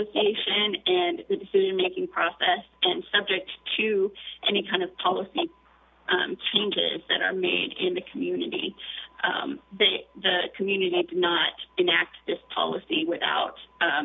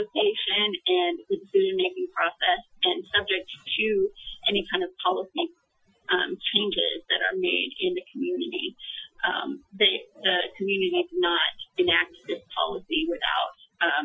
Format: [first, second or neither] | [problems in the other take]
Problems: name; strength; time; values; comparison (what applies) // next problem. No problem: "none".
first | noise reduction (classical method Wiener filter)